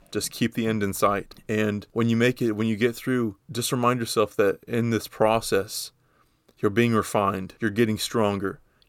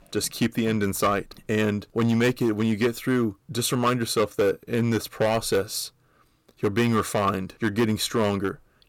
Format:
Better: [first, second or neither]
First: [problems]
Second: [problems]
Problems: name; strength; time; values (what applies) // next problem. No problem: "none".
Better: first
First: none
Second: distortion; slight; 6% of the sound clipped